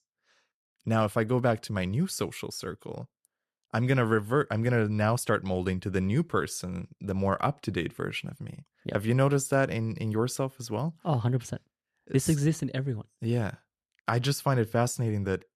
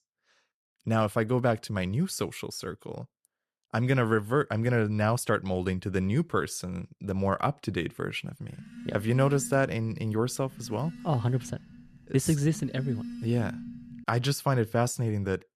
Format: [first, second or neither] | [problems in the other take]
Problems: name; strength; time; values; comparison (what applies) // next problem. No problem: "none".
first | phone ringing; noticeable; from 8.5 to 14 s; peak 9 dB below the speech